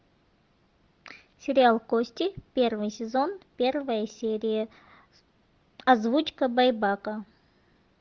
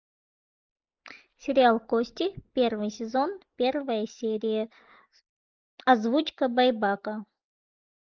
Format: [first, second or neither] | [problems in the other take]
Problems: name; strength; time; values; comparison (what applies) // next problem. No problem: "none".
first | noise reduction (neural mask model Resemble Enhance denoiser)